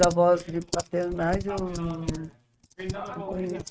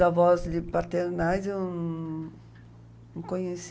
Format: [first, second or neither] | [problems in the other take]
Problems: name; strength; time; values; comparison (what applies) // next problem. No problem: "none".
second | noise reduction (neural mask model RNNoise)